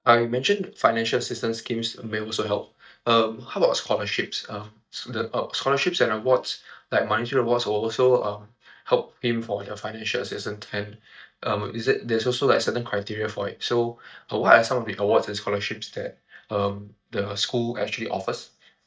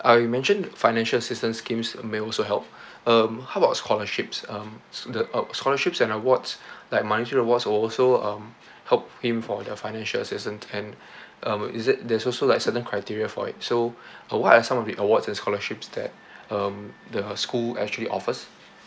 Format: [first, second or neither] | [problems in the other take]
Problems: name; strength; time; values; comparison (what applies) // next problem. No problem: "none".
second | noise reduction (neural mask model DeepFilterNet 3)